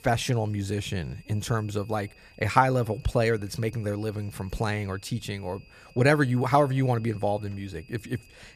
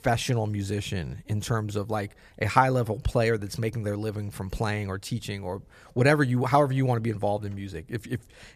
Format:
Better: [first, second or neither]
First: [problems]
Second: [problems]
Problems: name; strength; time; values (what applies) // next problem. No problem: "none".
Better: second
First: high-pitched whine; faint; throughout; 2.5 kHz, 30 dB below the speech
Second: none